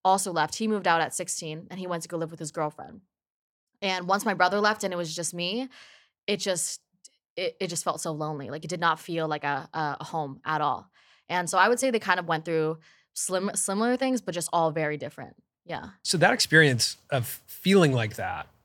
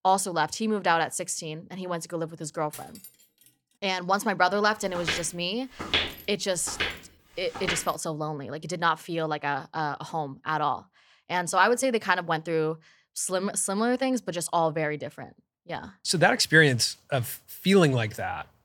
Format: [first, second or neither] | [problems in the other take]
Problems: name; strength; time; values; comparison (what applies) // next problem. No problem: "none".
first | clattering dishes; faint; at 2.5 s; peak 15 dB below the speech // footsteps; loud; from 5 to 8 s; peak level with the speech